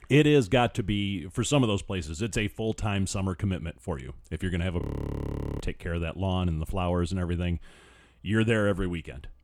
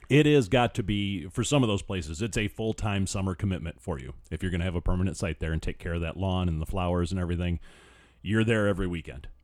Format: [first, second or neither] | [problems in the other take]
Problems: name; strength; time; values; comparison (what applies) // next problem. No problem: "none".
second | audio freezing; at 5 s for 1 s